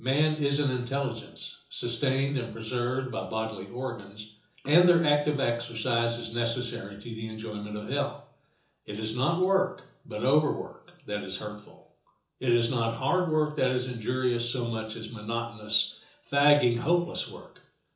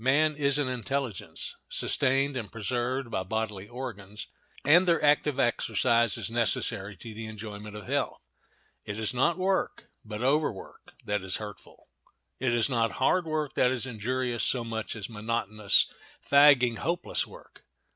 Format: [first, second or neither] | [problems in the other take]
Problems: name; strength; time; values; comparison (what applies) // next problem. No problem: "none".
second | room echo; dies away in 0.7 s